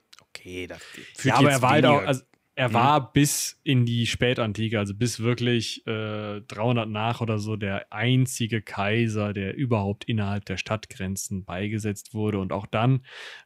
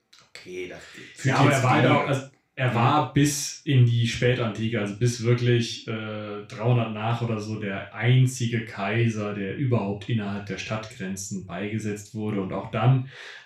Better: first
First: none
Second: room echo; noticeable; dies away in 0.3 s // off-mic speech; far

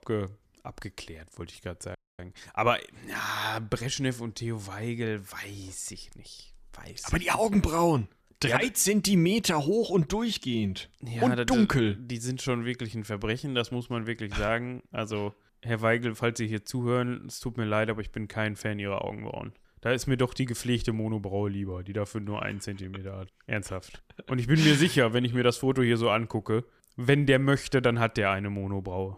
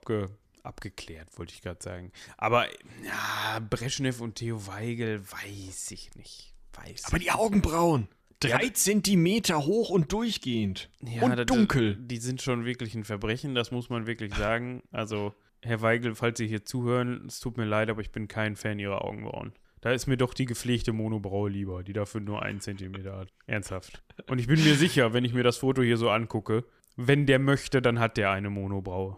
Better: second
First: audio freezing; at 2 s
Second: none

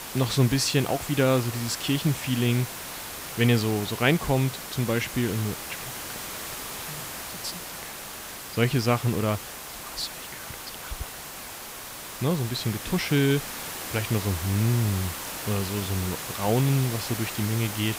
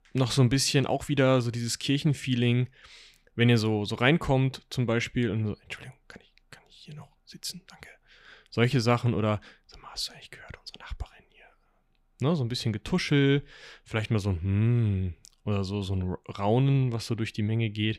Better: second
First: hiss; loud; throughout; 8 dB below the speech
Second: none

